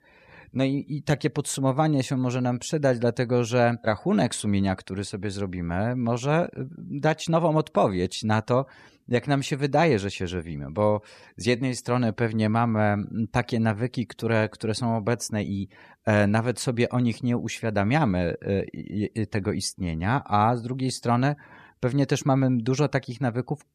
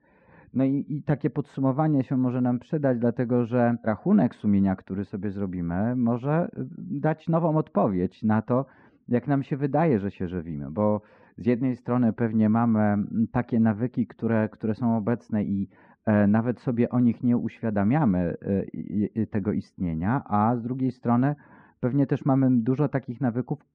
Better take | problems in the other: first | muffled; very; fading above 1.5 kHz

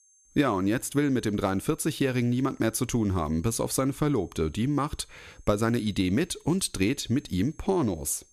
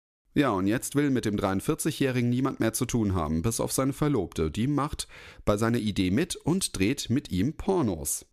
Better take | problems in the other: second | high-pitched whine; faint; throughout; 6.5 kHz, 30 dB below the speech

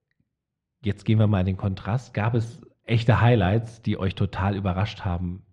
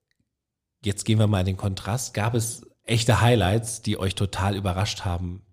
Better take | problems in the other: second | muffled; slightly; fading above 2.5 kHz

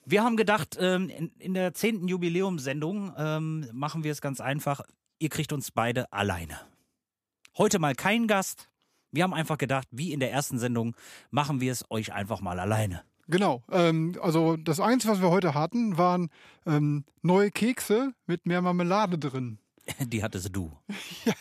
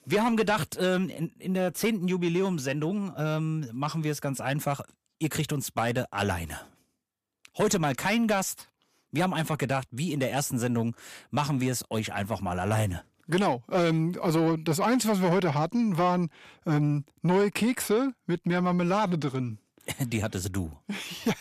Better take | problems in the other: first | distortion; slight; 10 dB below the speech

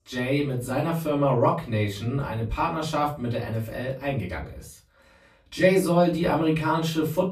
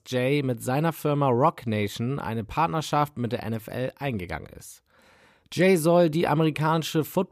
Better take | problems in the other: second | off-mic speech; far // room echo; very slight; dies away in 0.3 s

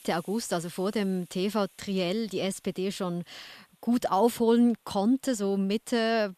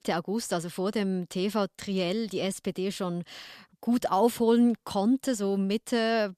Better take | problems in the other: second | hiss; faint; throughout; 30 dB below the speech

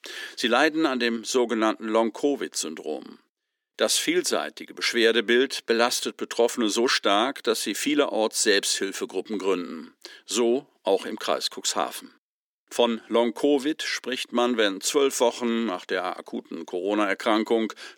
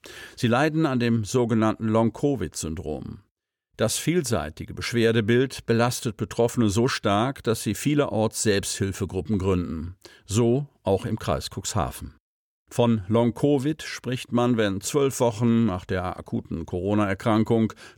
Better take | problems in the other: second | thin; somewhat; fading below 250 Hz

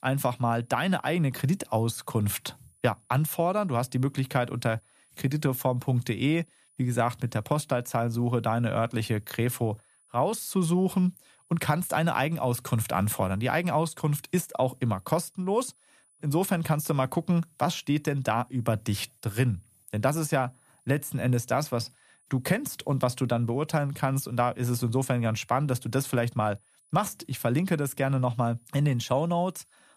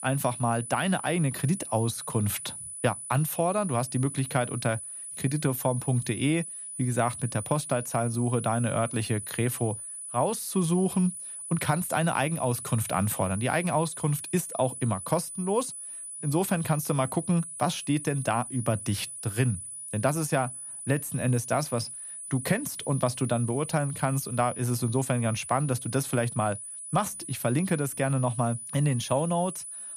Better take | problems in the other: first | high-pitched whine; loud; throughout; 10 kHz, 8 dB below the speech; faint in the first

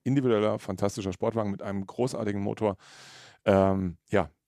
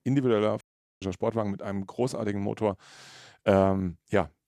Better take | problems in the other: first | audio cutting out; at 0.5 s

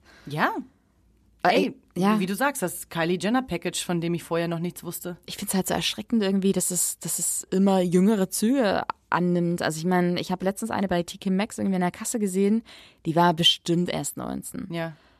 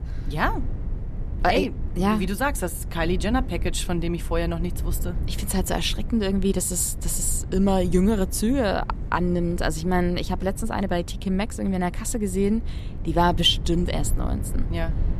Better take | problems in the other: first | low rumble; noticeable; throughout; 20 dB below the speech

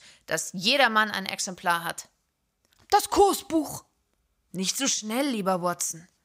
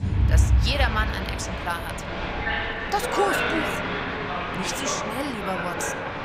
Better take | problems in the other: first | crowd noise; very loud; throughout; 3 dB above the speech

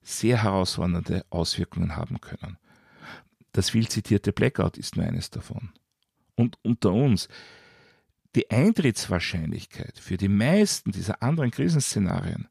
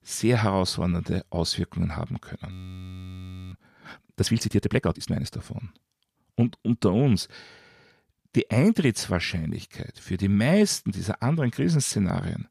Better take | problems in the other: first | audio freezing; at 2.5 s for 1 s

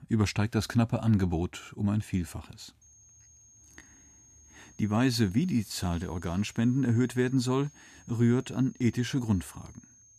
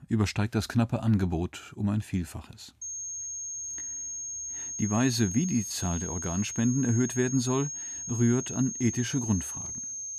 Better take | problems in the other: first | high-pitched whine; loud; from 3 s on; 6.5 kHz, 5 dB below the speech; faint in the first

